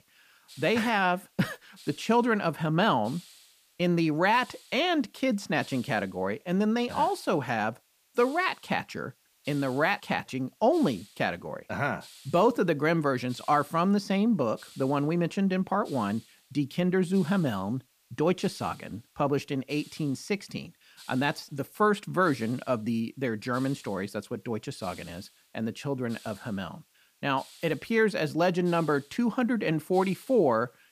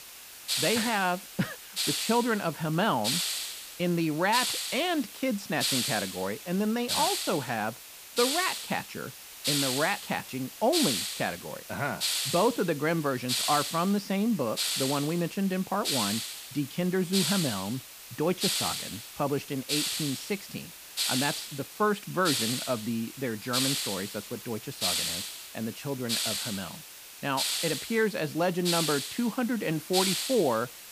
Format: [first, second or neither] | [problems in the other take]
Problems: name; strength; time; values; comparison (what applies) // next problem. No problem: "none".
first | hiss; loud; throughout; as loud as the speech; faint in the first